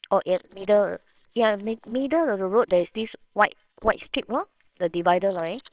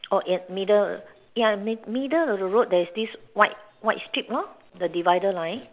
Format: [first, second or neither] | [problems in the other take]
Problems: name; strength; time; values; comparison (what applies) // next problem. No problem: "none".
second | noise reduction (neural separator model SepFormer WHAMR!)